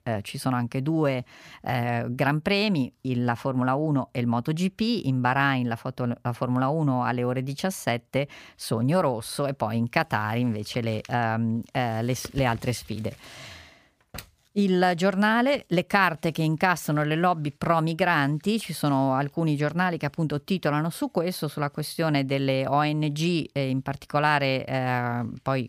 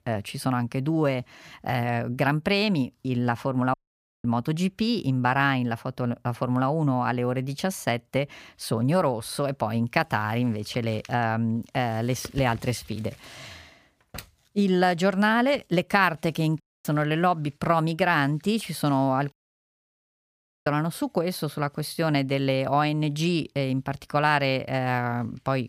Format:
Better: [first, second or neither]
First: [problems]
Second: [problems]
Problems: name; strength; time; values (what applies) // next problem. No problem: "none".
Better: first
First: none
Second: audio cutting out; at 3.5 s for 0.5 s, at 17 s and at 19 s for 1.5 s